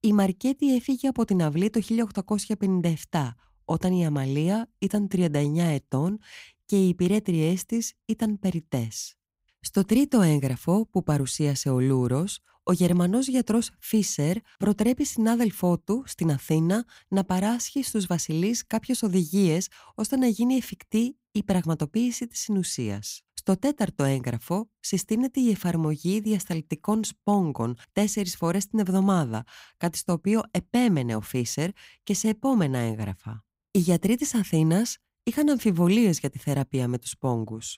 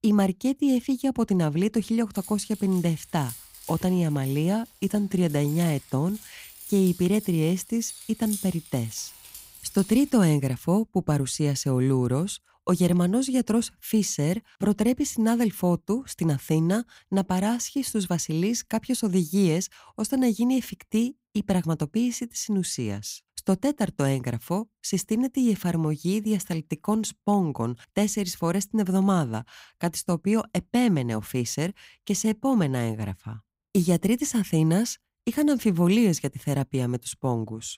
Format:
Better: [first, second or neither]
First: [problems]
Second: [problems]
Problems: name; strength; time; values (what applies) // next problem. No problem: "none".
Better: first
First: none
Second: jangling keys; noticeable; from 2 to 10 s; peak 8 dB below the speech